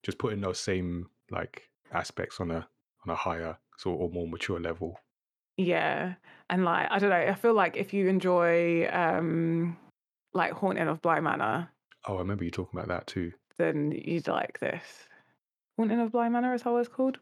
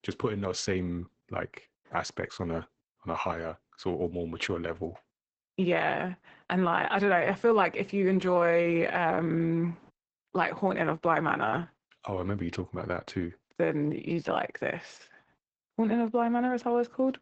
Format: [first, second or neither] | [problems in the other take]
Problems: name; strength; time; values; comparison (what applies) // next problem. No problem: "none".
first | garbled, watery; badly; nothing above 7.5 kHz